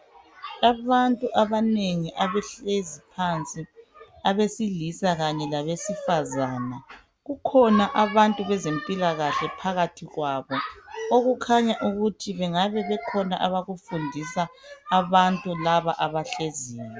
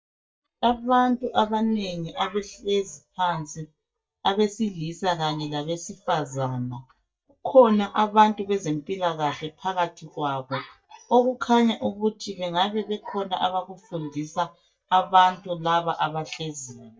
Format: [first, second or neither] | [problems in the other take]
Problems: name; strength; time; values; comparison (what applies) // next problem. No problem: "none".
first | noise reduction (neural mask model DeepFilterNet 3)